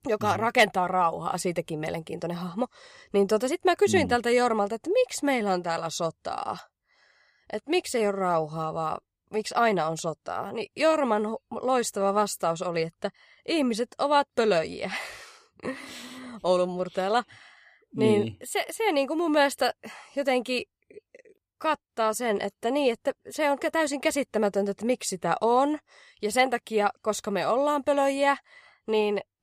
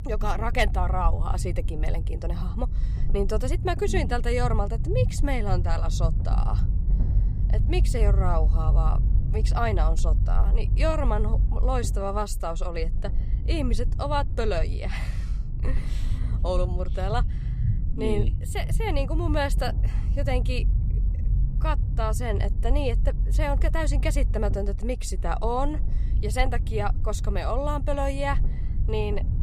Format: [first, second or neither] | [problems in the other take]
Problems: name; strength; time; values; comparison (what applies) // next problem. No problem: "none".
first | low rumble; noticeable; throughout; 15 dB below the speech